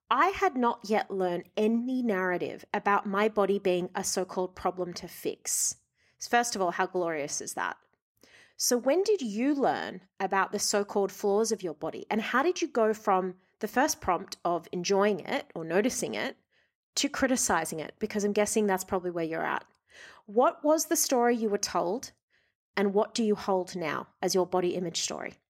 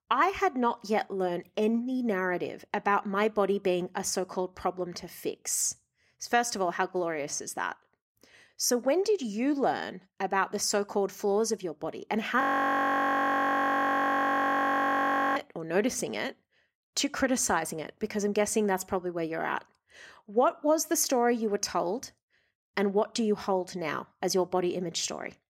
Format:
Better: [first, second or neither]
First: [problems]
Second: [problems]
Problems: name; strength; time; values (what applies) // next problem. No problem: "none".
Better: first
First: none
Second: audio freezing; at 12 s for 3 s